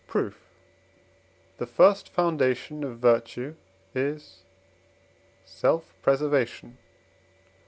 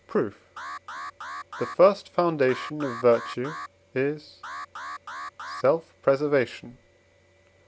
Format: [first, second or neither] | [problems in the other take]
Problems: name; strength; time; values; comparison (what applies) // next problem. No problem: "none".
first | background sound (Alarm); 12 dB below the speech